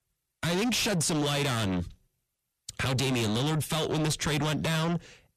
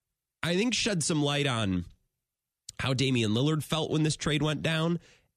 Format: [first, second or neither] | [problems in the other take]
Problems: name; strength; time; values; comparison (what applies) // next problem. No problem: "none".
second | distortion; heavy; 6 dB below the speech